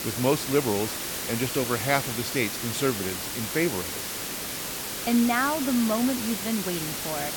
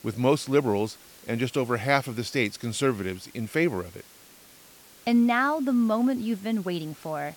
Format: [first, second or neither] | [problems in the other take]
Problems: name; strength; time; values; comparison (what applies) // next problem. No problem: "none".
second | hiss; loud; throughout; 3 dB below the speech; faint in the second